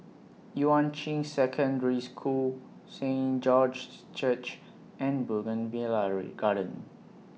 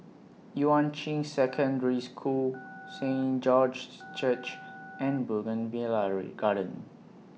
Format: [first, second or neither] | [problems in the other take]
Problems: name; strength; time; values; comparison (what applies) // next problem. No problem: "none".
first | background sound (Telephone); 19 dB below the speech